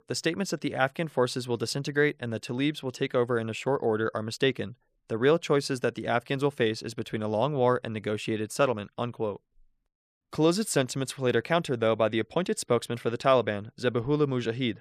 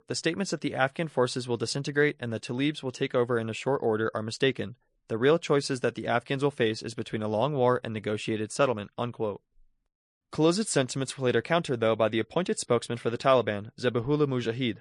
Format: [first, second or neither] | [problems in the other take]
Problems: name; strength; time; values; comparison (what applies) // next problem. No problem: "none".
first | garbled, watery; slightly; nothing above 10 kHz